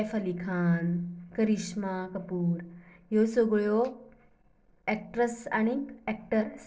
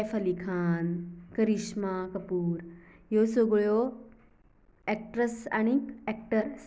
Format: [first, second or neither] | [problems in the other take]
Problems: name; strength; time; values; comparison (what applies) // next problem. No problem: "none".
second | noise reduction (neural separator model SepFormer DNS4)